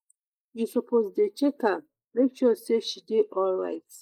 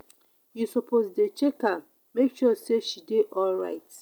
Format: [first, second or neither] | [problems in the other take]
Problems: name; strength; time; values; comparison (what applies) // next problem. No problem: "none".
second | noise reduction (neural mask model Resemble Enhance denoiser)